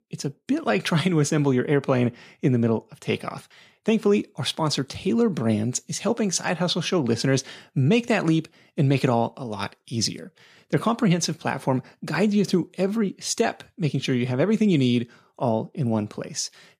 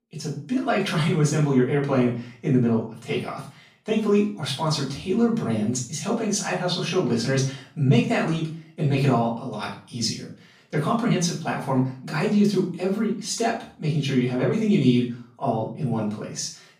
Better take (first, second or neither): first